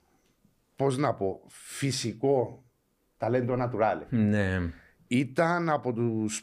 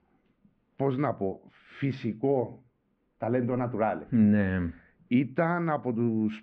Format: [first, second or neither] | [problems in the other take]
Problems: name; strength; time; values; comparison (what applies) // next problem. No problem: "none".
first | muffled; very; fading above 3 kHz